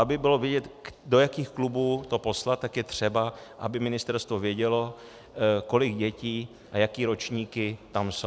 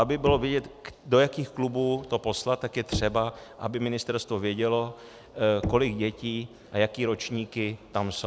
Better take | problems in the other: first | background sound (Knock); 13 dB below the speech

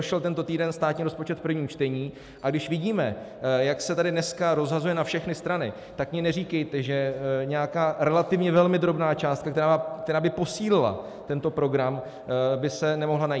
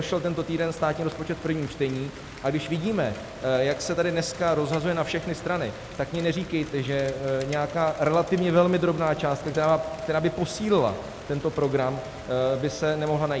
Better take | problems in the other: first | background sound (Rain); 16 dB below the speech

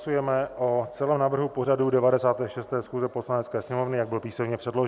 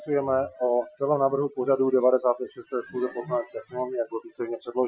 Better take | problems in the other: first | noise reduction (classical method Wiener filter)

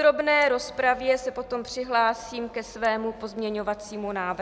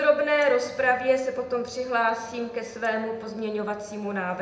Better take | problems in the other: first | room echo; dies away in 0.8 s

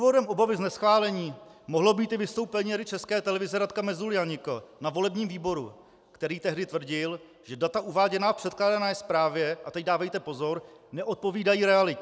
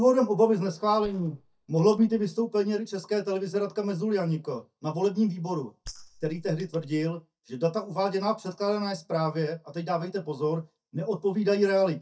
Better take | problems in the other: first | noise reduction (neural mask model DeepFilterNet 3)

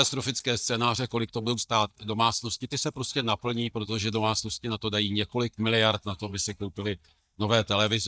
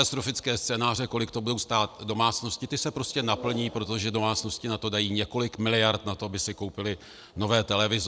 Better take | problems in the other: second | noise reduction (neural mask model DeepFilterNet 3)

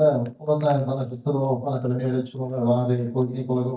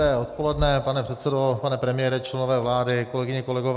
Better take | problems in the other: second | noise reduction (neural mask model DeepFilterNet 3)

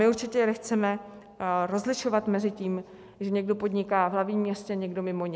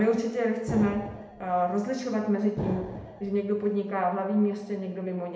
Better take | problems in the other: first | background sound (Explosion); 11 dB below the speech // room echo; dies away in 0.8 s

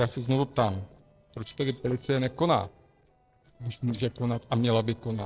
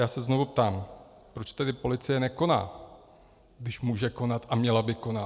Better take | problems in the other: second | noise reduction (neural separator model SepFormer DNS4)

